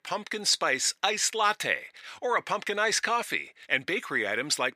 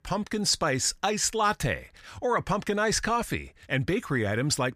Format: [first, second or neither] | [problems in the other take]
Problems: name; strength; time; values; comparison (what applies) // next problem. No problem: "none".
second | thin; somewhat; fading below 400 Hz